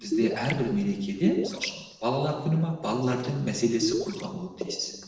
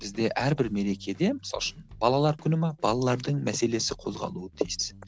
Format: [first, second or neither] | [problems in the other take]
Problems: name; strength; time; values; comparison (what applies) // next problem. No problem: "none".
second | noise reduction (neural separator model SepFormer DNS4)